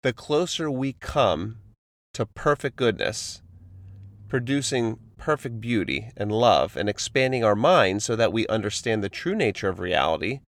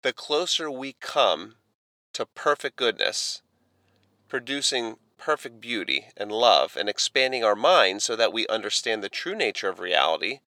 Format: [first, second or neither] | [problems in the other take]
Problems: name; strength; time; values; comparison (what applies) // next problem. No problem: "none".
first | thin; somewhat; fading below 450 Hz